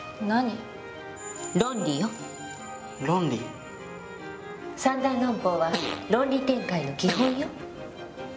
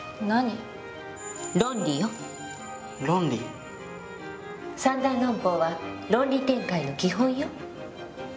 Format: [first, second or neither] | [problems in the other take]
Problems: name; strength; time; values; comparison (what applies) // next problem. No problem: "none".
second | background sound (Fart); 7 dB below the speech